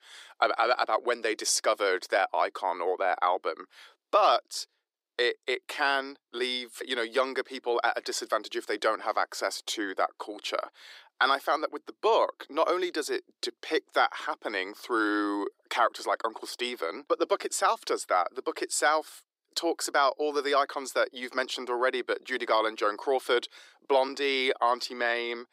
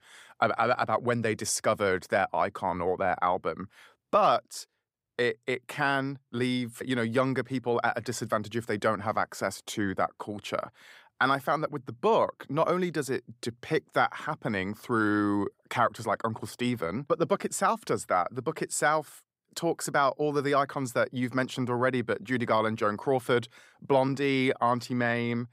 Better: second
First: thin; somewhat; fading below 350 Hz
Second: none

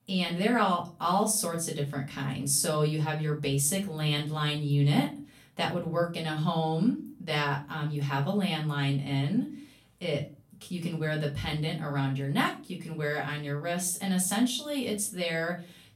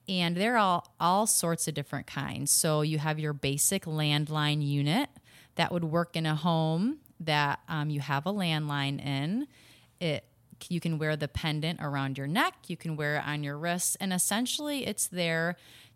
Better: second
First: off-mic speech; far // room echo; very slight; dies away in 0.3 s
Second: none

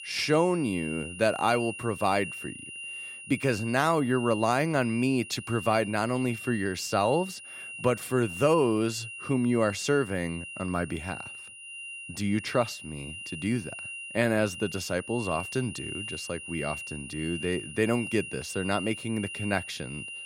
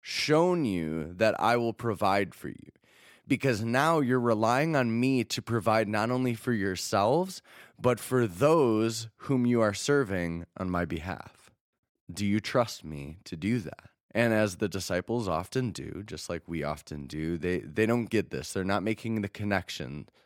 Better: second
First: high-pitched whine; loud; throughout; 3 kHz, 10 dB below the speech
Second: none

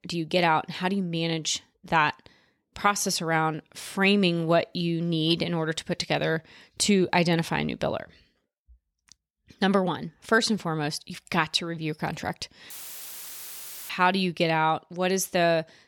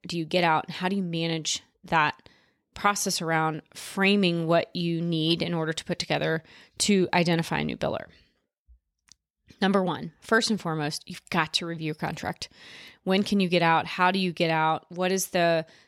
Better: second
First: audio cutting out; filled with static; at 13 s for 1 s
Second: none

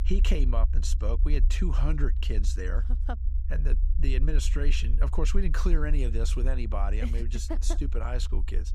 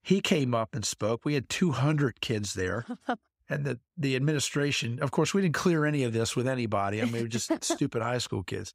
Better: second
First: low rumble; noticeable; throughout; 15 dB below the speech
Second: none

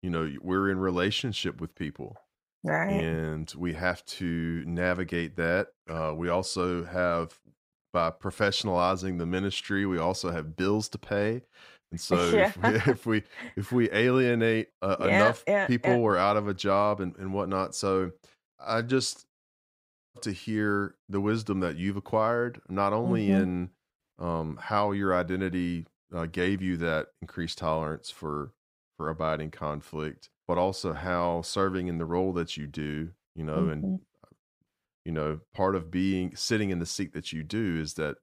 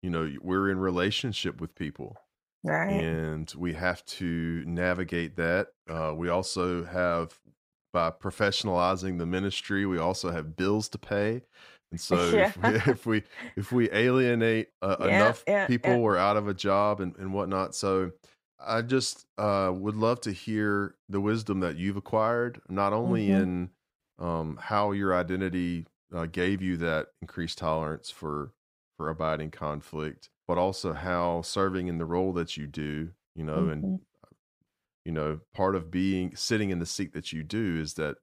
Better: second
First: audio cutting out; at 19 s for 1 s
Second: none

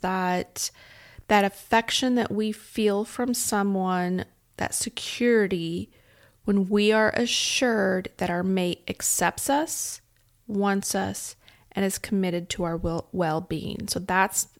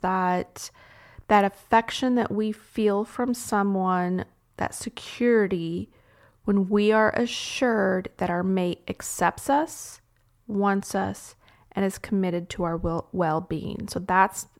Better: first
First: none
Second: muffled; slightly; fading above 2.5 kHz

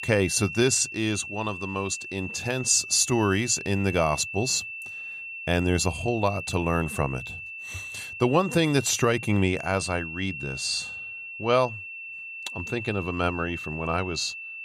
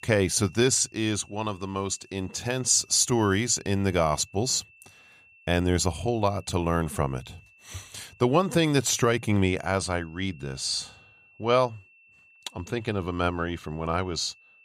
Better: second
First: high-pitched whine; loud; throughout; 2.5 kHz, 9 dB below the speech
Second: high-pitched whine; faint; throughout; 2.5 kHz, 30 dB below the speech

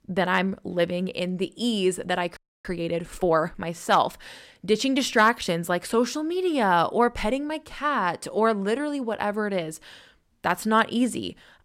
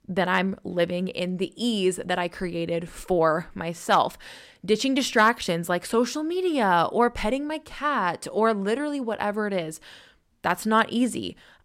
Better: second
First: audio freezing; at 2.5 s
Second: none

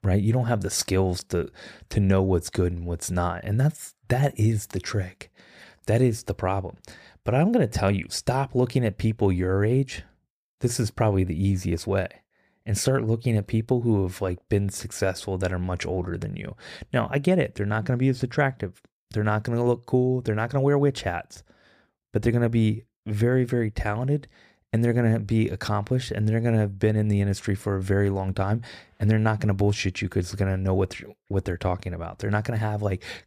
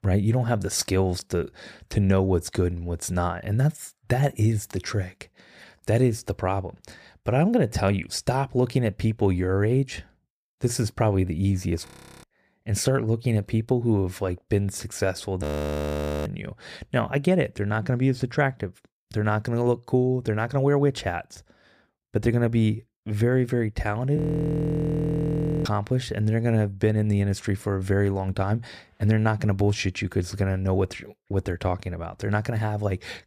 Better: first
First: none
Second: audio freezing; at 12 s, at 15 s for 1 s and at 24 s for 1.5 s

